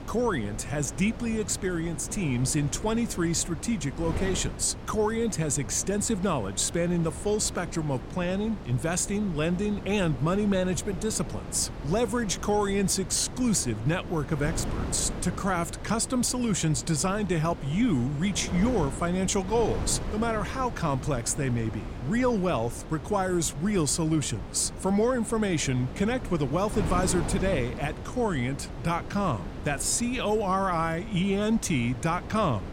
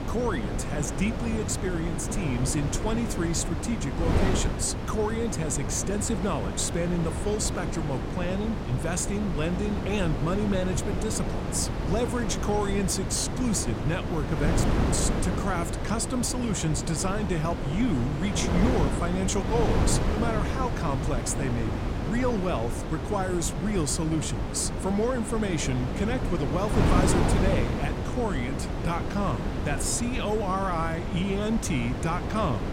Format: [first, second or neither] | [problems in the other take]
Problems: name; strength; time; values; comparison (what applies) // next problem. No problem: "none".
first | wind noise on the microphone; heavy; 3 dB below the speech; occasional gusts in the first